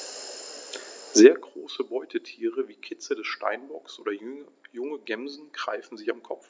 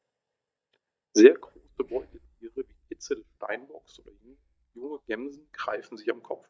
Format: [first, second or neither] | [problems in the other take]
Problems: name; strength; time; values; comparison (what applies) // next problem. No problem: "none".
first | noise reduction (neural mask model DeepFilterNet 3)